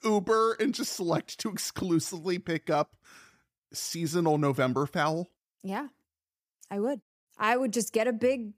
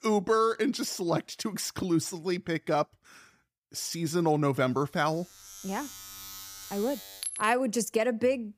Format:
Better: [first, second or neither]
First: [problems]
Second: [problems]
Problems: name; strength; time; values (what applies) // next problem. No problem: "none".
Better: first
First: none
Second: household noises; noticeable; from 5 s on; 10 dB below the speech